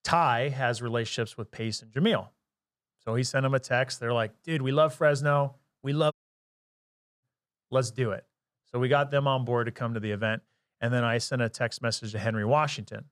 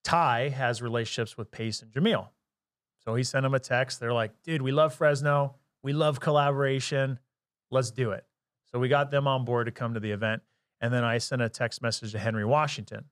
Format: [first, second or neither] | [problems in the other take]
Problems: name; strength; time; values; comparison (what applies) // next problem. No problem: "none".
second | audio cutting out; at 6 s for 1 s